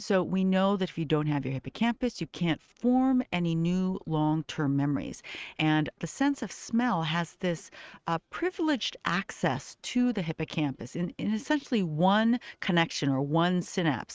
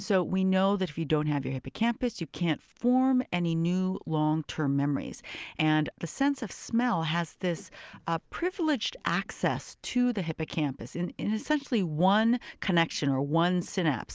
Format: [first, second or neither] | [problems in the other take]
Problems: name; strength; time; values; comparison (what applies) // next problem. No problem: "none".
second | noise reduction (neural mask model RNNoise)